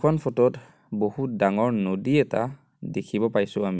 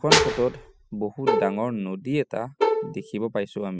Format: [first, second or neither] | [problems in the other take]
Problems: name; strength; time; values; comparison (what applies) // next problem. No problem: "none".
first | noise reduction (classical method spectral subtraction)